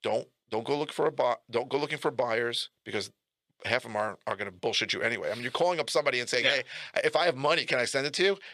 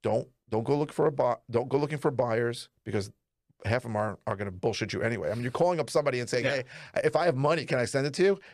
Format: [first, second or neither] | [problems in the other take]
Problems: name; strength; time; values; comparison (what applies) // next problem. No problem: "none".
second | thin; somewhat; fading below 500 Hz